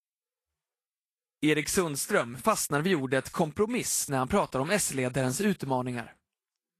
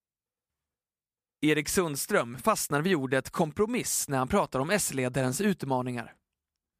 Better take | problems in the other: second | garbled, watery; slightly; nothing above 13 kHz

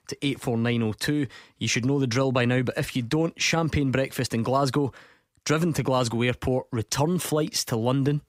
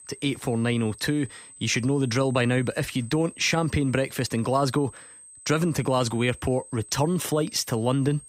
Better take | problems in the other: first | high-pitched whine; noticeable; throughout; 8.5 kHz, 20 dB below the speech

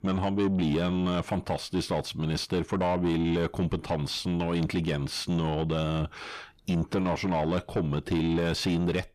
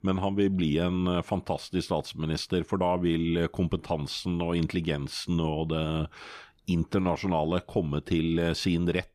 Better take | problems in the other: second | distortion; slight; 10 dB below the speech

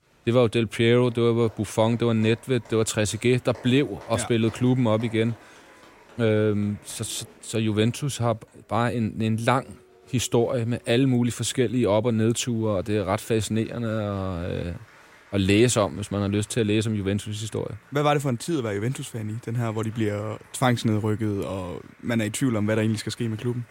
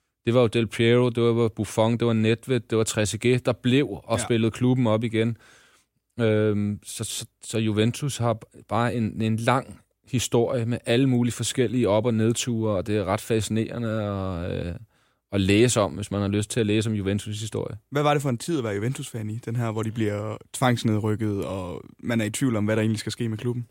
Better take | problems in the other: second | crowd noise; faint; throughout; 25 dB below the speech

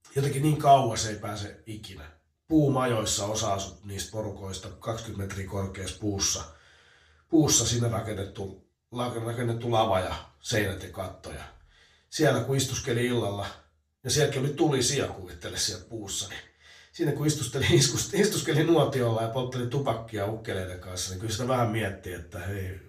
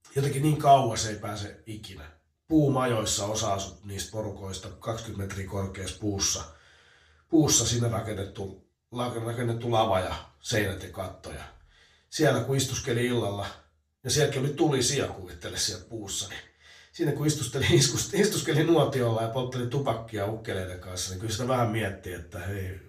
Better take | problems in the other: neither | room echo; slight; dies away in 0.3 s; the same in both // off-mic speech; far; the same in both

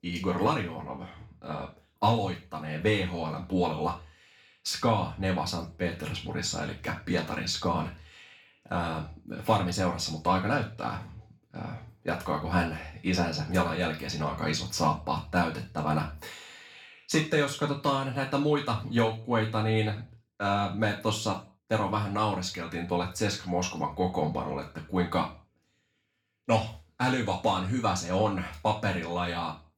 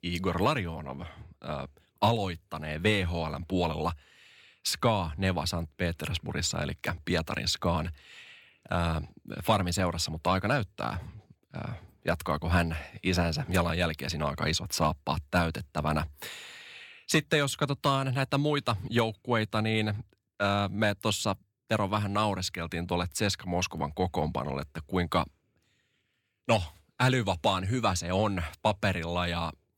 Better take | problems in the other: second | room echo; slight; dies away in 0.3 s // off-mic speech; far

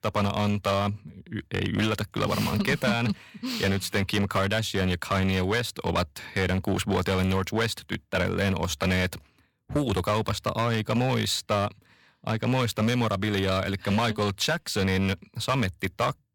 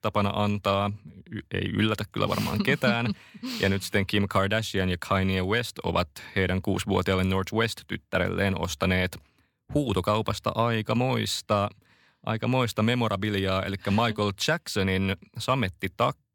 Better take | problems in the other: second | distortion; slight; 9% of the sound clipped

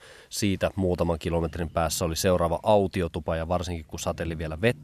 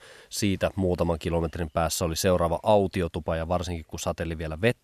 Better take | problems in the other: second | traffic noise; faint; throughout; 20 dB below the speech

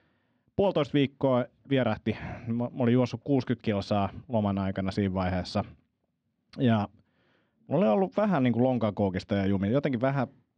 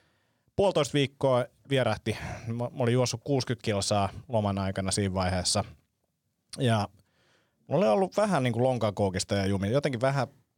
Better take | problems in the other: second | muffled; slightly; fading above 3.5 kHz

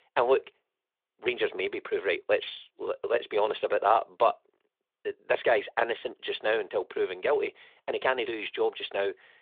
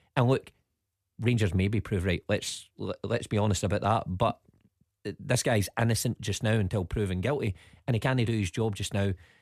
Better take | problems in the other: second | phone-call audio

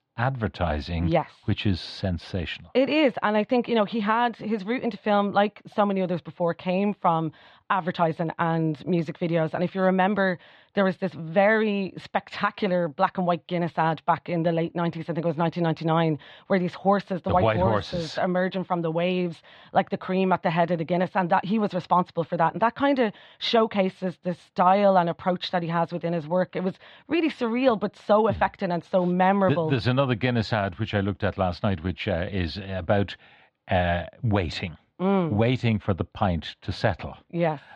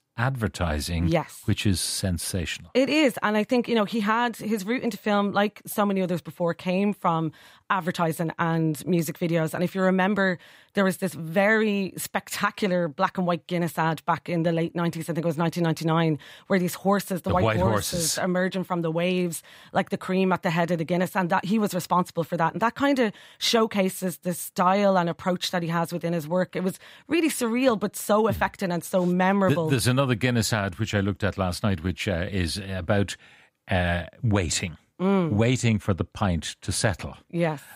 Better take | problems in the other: second | muffled; slightly; fading above 4 kHz

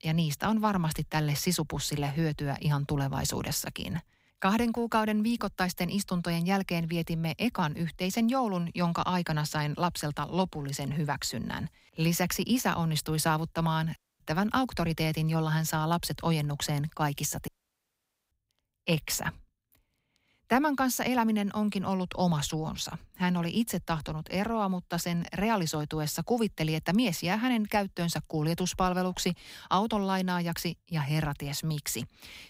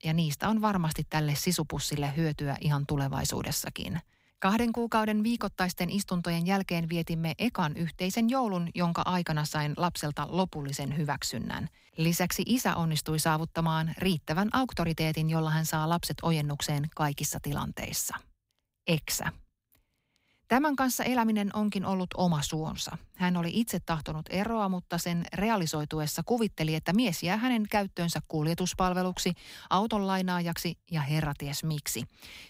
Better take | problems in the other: second | audio cutting out; at 14 s and at 17 s for 1 s

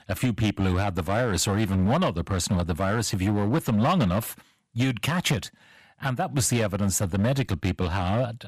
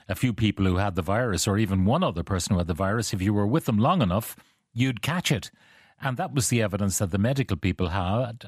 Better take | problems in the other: second | distortion; slight; 8% of the sound clipped

